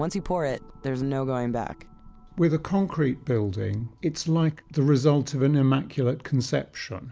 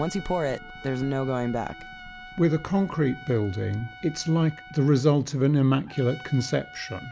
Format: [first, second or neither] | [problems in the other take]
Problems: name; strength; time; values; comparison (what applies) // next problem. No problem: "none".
first | background sound (Trumpet); 19 dB below the speech